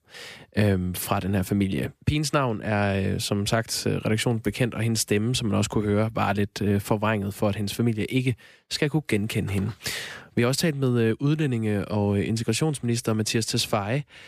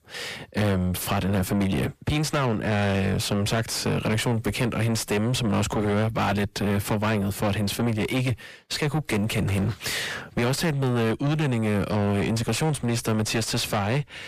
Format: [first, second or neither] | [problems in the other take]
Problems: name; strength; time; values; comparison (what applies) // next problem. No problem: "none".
first | distortion; heavy; 5 dB below the speech